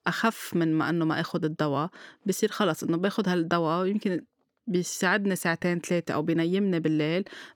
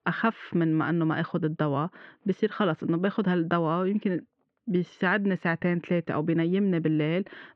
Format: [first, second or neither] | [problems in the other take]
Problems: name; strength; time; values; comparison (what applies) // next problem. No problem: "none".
first | muffled; very; fading above 3 kHz